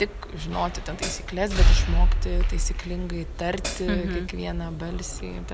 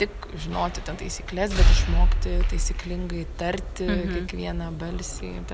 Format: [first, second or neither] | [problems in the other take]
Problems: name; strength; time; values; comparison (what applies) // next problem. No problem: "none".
second | background sound (Hi-hat); 12 dB below the speech